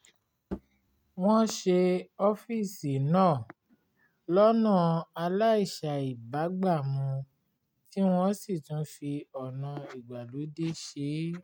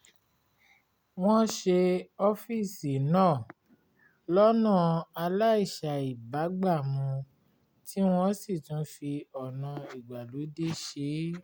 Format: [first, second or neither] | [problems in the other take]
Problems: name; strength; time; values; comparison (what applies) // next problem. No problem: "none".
second | noise reduction (neural mask model RNNoise)